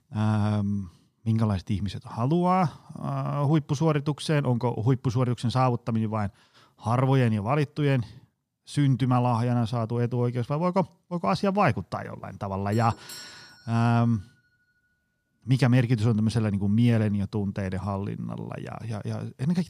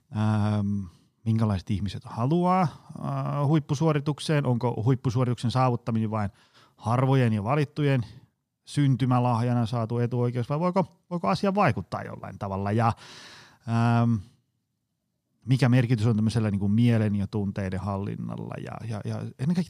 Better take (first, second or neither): second